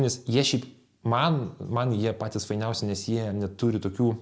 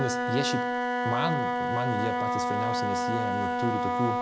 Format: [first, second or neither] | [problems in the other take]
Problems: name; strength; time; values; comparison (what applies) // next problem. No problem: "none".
first | background sound (Wind instrument, woodwind instrument); 4 dB above the speech